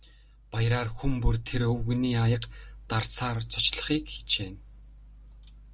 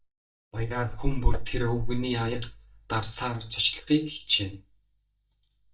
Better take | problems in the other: first | noise reduction (neural mask model DeepFilterNet 3)

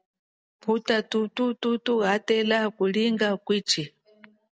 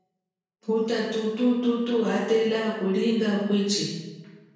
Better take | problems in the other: first | room echo; dies away in 1 s

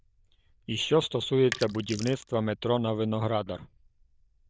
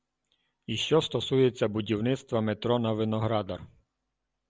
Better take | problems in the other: second | noise reduction (neural diffusion model UNIVERSE++)

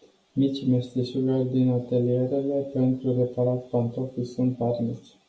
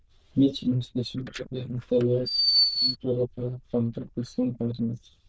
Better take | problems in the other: first | noise reduction (neural diffusion model UNIVERSE++)

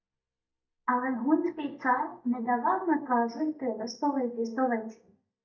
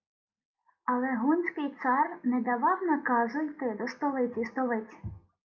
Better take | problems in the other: second | noise reduction (neural mask model DeepFilterNet 3)

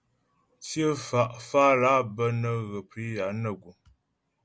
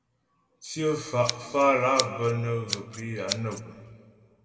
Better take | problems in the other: first | background sound (Scissors); 9 dB below the speech // room echo; dies away in 1.9 s

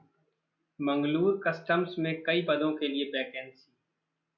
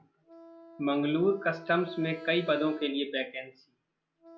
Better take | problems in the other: first | background sound (Wind instrument, woodwind instrument); 18 dB below the speech

